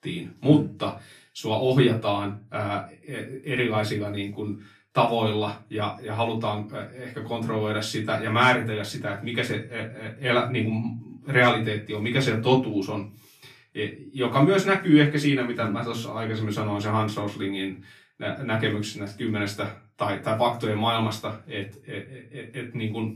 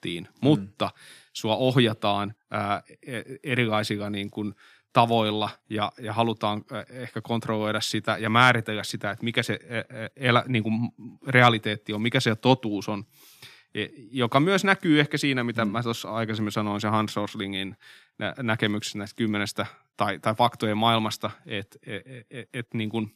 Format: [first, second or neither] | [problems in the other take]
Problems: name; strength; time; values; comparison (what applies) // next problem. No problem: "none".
second | off-mic speech; far // room echo; very slight; dies away in 0.3 s